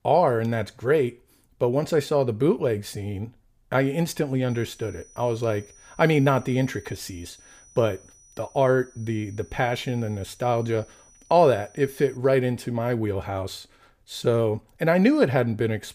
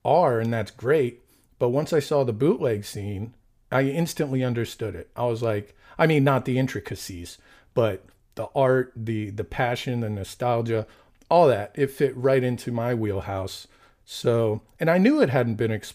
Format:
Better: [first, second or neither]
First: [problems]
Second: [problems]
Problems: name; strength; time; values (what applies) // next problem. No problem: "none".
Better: second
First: high-pitched whine; faint; from 4.5 to 12 s; 6 kHz, 25 dB below the speech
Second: none